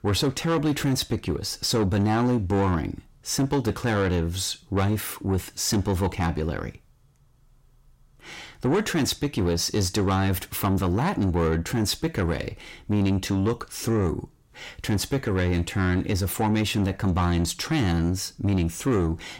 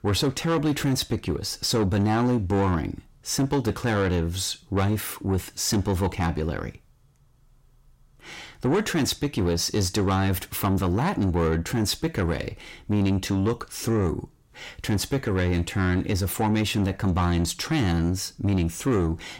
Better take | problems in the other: neither | distortion; slight; 10 dB below the speech; the same in both

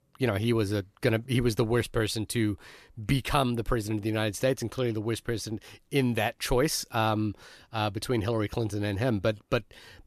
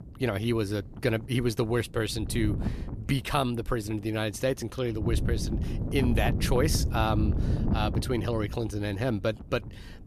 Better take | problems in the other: first | wind noise on the microphone; heavy; 9 dB below the speech

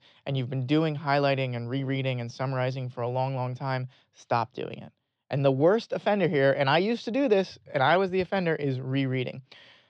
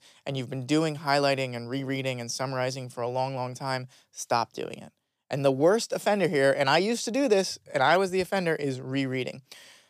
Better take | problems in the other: second | muffled; slightly; fading above 3.5 kHz

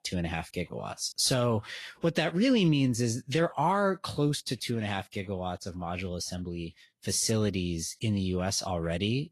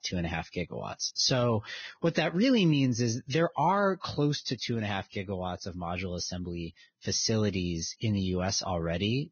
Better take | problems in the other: first | garbled, watery; badly; nothing above 6.5 kHz; slightly in the first

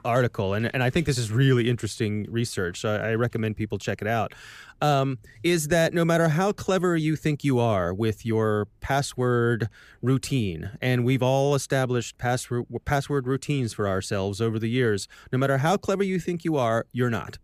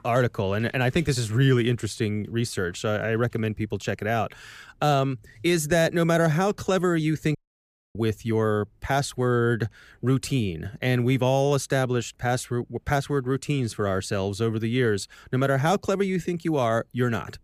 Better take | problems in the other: first | audio cutting out; at 7.5 s for 0.5 s

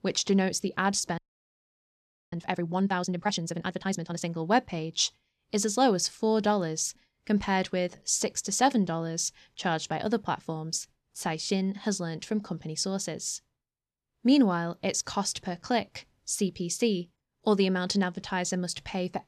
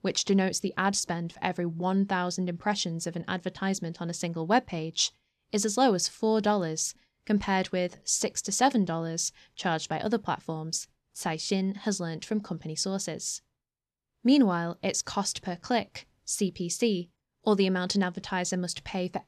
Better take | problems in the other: second | audio freezing; at 1 s for 1 s

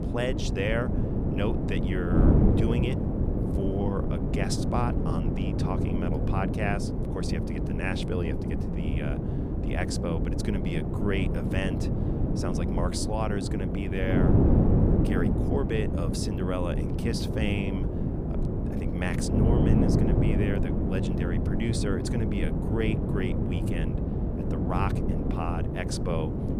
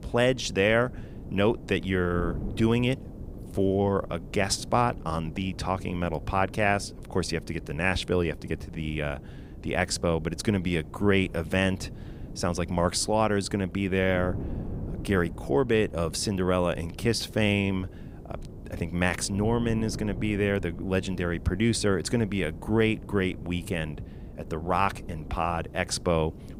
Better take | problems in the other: second | wind noise on the microphone; heavy; as loud as the speech; occasional gusts in the second

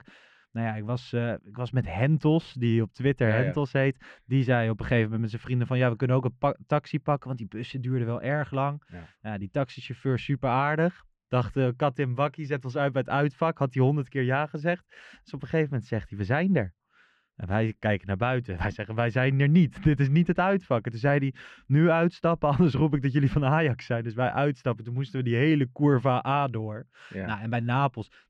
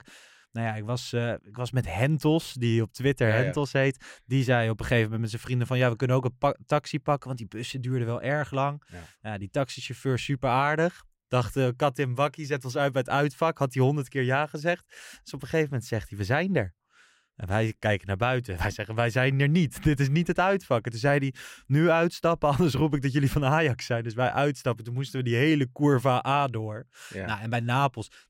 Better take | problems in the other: second | muffled; slightly; fading above 3 kHz

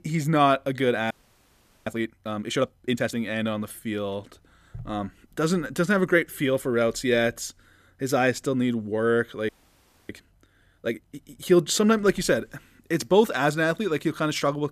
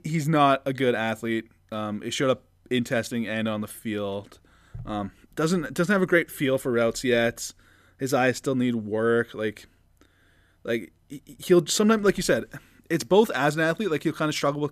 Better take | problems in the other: second | audio freezing; at 1 s for 1 s and at 9.5 s for 0.5 s

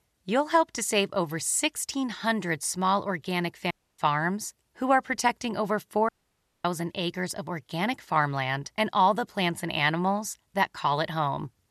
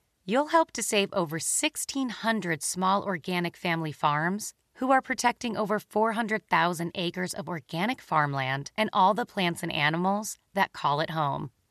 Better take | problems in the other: second | audio cutting out; at 3.5 s and at 6 s for 0.5 s

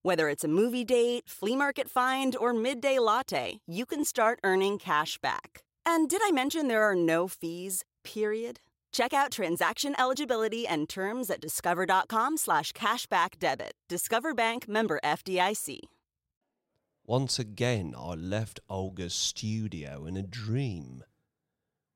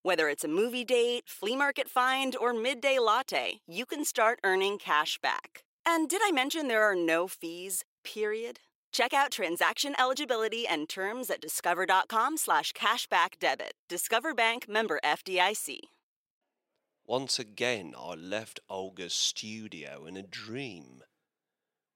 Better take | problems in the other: first | thin; very slightly; fading below 300 Hz

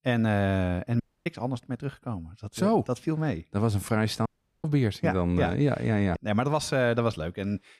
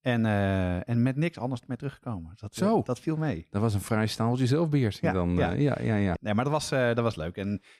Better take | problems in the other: second | audio cutting out; at 1 s and at 4.5 s

